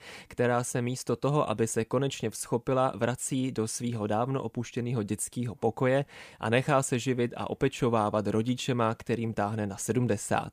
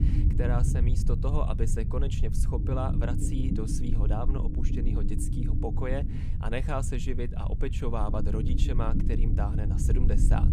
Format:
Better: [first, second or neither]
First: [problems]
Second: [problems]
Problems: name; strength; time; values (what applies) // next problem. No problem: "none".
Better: first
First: none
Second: low rumble; loud; throughout; 5 dB below the speech